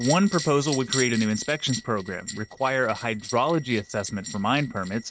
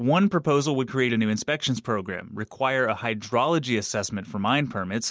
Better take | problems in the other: second | noise reduction (neural mask model RNNoise)

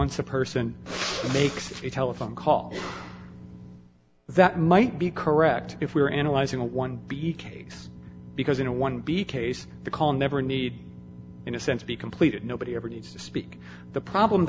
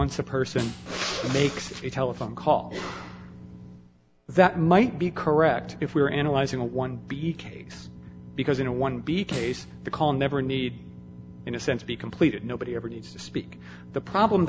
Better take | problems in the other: first | background sound (Snare drum); 15 dB below the speech

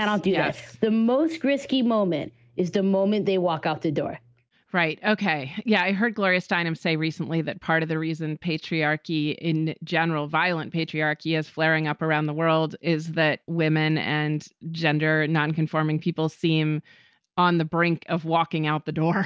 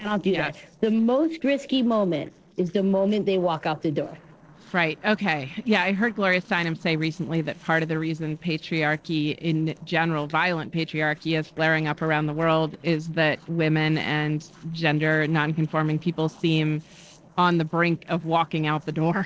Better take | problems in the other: first | noise reduction (neural separator model SepFormer DNS4)

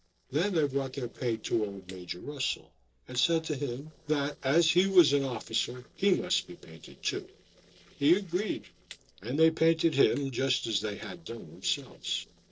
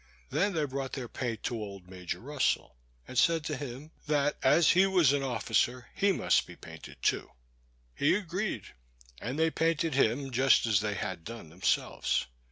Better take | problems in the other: second | noise reduction (neural separator model SepFormer DNS4)

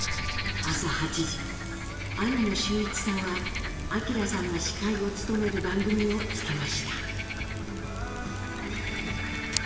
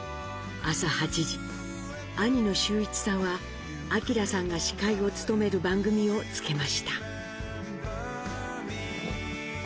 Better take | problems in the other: second | background sound (Frog); 5 dB below the speech // room echo; dies away in 2 s

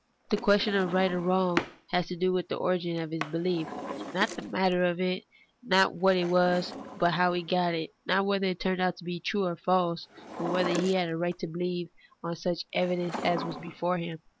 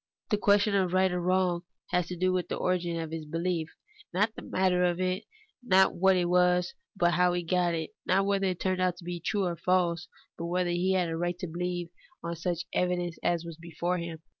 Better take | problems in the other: second | background sound (Drawer open or close); 12 dB below the speech

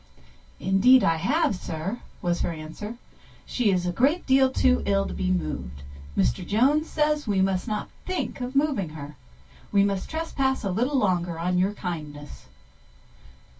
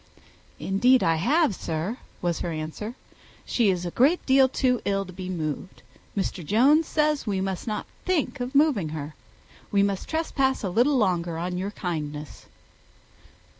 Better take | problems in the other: second | background sound (Bowed string instrument); 8 dB below the speech // room echo; dies away in 0.1 s

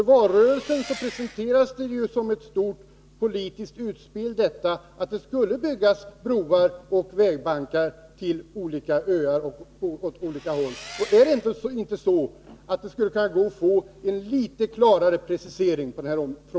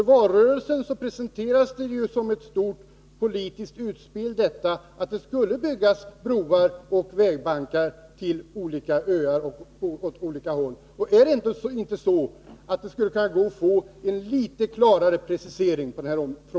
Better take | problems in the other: second | background sound (Engine); 17 dB below the speech

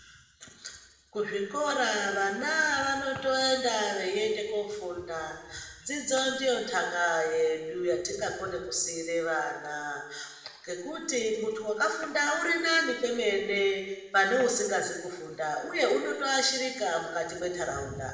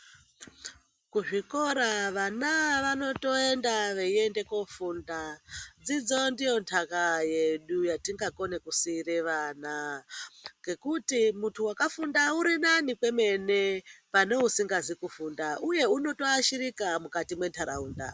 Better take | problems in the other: second | room echo; dies away in 1.1 s

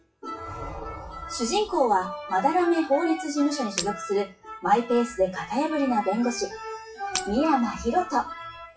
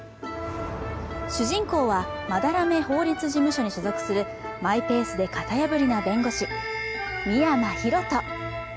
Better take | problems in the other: second | noise reduction (classical method WPE with log-MMSE)

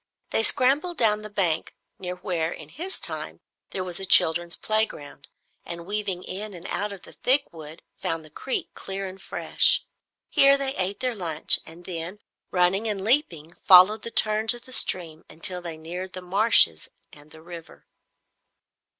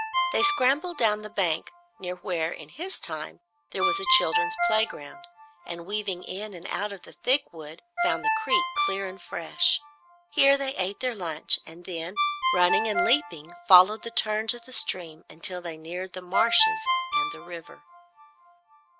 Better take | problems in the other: first | background sound (Ringtone); 3 dB below the speech

